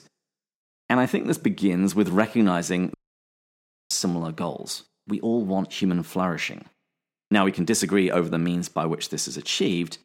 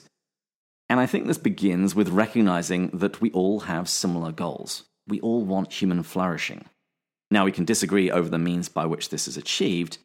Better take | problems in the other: second | audio cutting out; at 3 s for 1 s

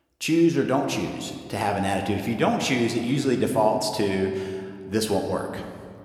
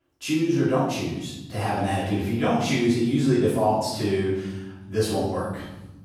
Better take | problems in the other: first | room echo; strong; dies away in 1.1 s; slight in the first // off-mic speech; far

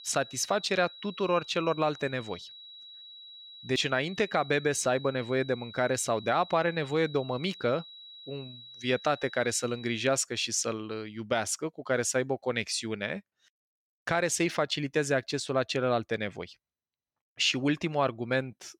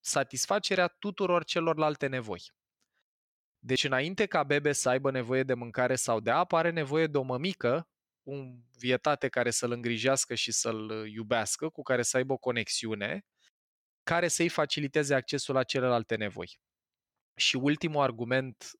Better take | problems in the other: second | high-pitched whine; noticeable; until 10 s; 4 kHz, 15 dB below the speech

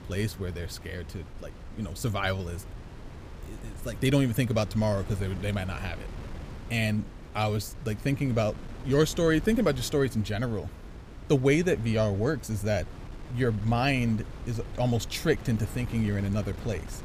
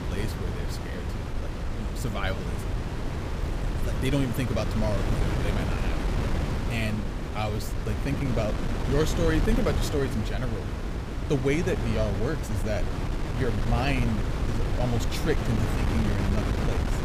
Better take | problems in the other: first | wind noise on the microphone; heavy; 3 dB below the speech; occasional gusts in the first

